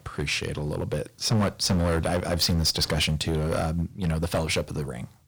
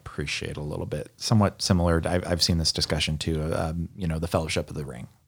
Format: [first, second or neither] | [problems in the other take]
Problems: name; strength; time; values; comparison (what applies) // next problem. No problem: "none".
second | distortion; heavy; 8% of the sound clipped